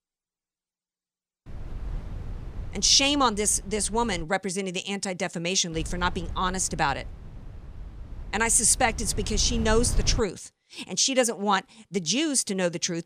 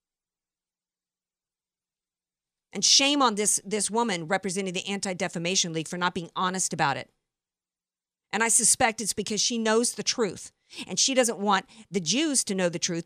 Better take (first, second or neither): second